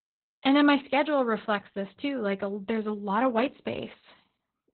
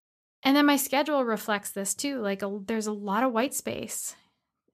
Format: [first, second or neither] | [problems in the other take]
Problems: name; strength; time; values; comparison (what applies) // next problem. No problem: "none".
second | garbled, watery; badly; nothing above 4 kHz